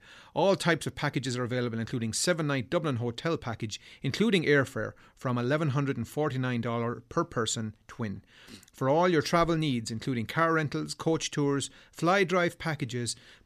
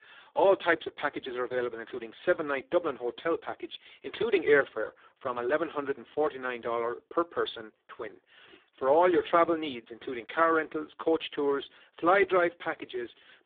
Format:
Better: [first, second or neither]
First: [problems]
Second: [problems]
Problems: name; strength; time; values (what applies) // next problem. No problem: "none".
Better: first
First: none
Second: phone-call audio; poor line; nothing above 3.5 kHz